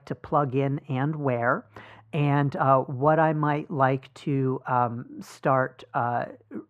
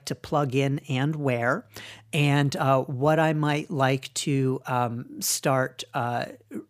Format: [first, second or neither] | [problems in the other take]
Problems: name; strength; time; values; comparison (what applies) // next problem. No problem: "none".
second | muffled; very; fading above 3 kHz